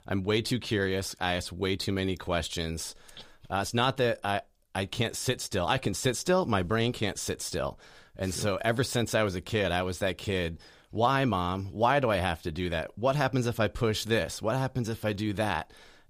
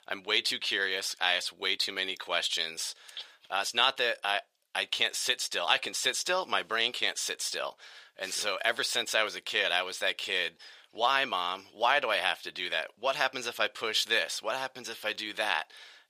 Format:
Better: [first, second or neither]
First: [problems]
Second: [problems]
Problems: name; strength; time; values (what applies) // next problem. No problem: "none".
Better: first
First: none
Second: thin; very; fading below 650 Hz